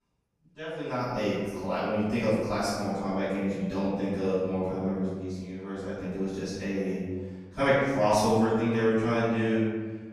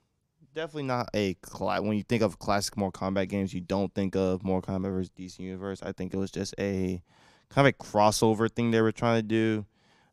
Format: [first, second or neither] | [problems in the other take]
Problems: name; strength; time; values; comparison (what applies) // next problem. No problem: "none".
second | off-mic speech; far // room echo; strong; dies away in 1.3 s